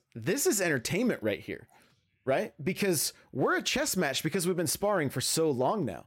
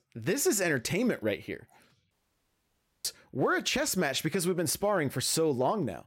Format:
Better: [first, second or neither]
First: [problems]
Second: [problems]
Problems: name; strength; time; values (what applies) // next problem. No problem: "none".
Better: first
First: none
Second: audio cutting out; at 2 s for 1 s